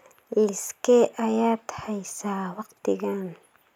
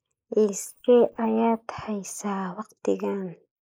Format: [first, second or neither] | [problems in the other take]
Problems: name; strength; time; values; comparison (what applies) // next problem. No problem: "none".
first | noise reduction (neural mask model Resemble Enhance denoiser)